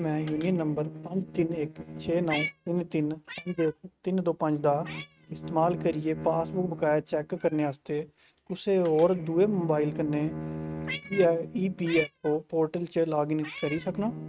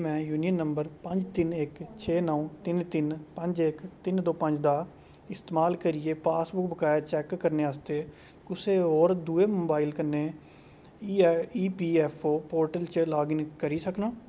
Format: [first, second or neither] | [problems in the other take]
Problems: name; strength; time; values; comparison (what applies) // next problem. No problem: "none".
second | noise reduction (neural mask model RNNoise)